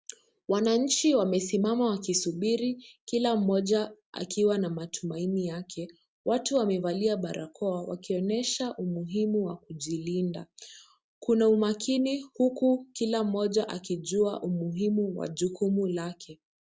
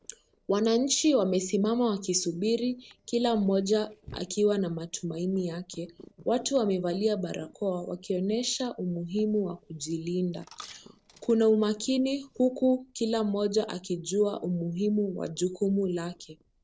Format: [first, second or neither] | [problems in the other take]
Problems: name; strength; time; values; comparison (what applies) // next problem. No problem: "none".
first | noise reduction (neural separator model SepFormer DNS4)